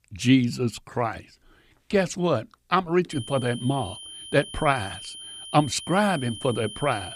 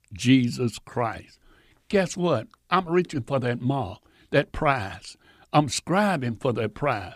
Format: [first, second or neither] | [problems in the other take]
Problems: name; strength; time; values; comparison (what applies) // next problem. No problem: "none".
second | high-pitched whine; noticeable; from 3 s on; 3 kHz, 15 dB below the speech